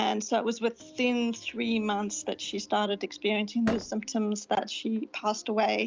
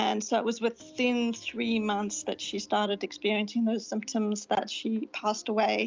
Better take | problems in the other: second | background sound (Slam); 11 dB below the speech

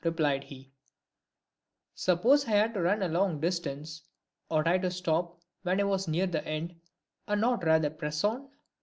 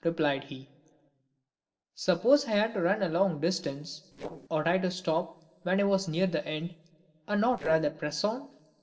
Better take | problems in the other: first | noise reduction (neural separator model SepFormer DNS4)

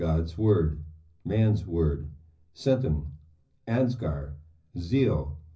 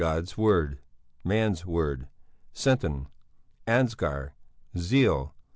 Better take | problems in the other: second | room echo; dies away in 0.4 s

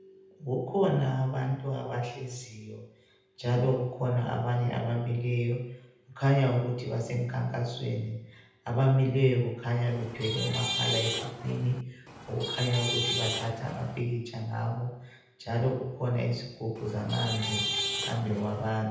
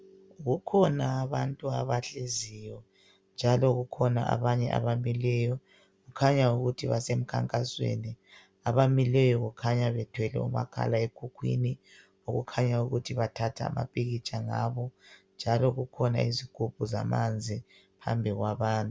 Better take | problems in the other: second | background sound (Traffic noise, roadway noise / Vehicle horn, car horn, honking); 4 dB below the speech // room echo; dies away in 0.9 s

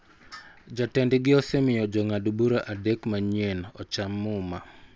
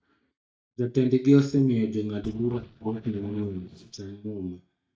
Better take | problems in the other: first | noise reduction (neural mask model DeepFilterNet 3)

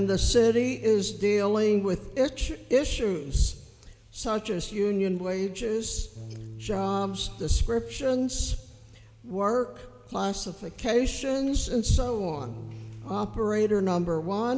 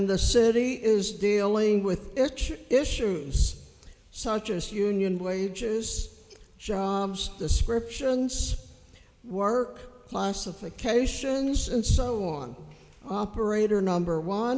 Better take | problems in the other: second | background sound (Bass guitar); 19 dB below the speech

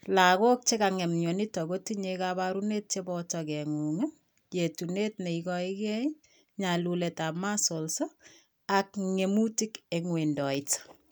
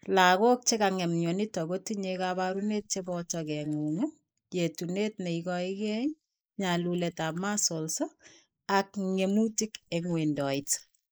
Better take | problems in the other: first | noise reduction (neural mask model Resemble Enhance denoiser)

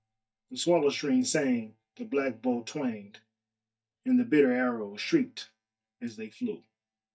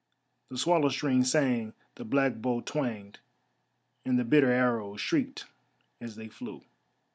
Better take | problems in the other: second | noise reduction (neural mask model DeepFilterNet 3)

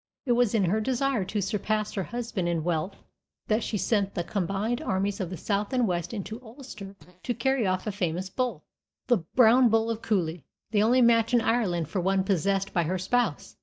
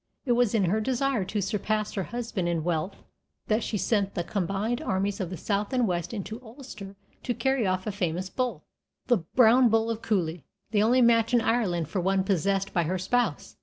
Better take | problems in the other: second | noise reduction (neural mask model DeepFilterNet 3)

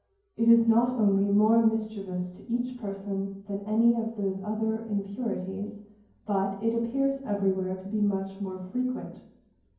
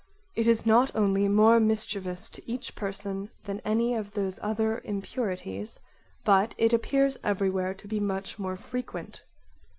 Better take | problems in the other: second | room echo; dies away in 0.9 s

